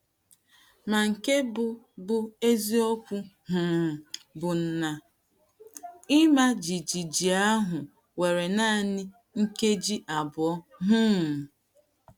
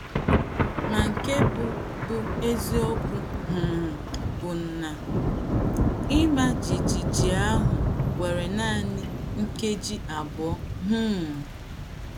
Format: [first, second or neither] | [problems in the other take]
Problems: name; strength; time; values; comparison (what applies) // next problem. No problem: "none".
first | background sound (Thunder / Rain); 3 dB above the speech